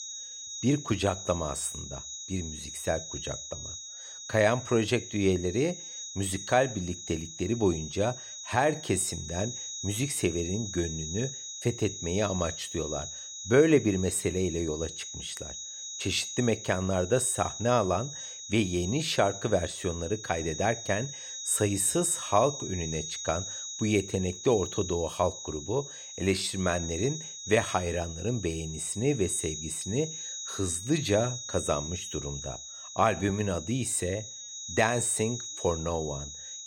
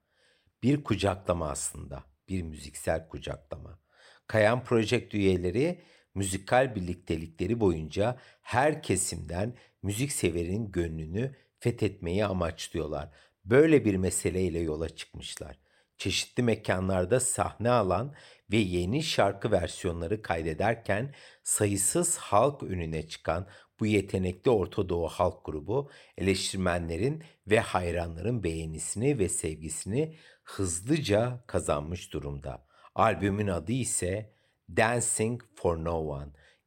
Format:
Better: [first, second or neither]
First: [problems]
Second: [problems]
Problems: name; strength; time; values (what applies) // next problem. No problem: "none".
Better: second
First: high-pitched whine; loud; throughout; 6.5 kHz, 8 dB below the speech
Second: none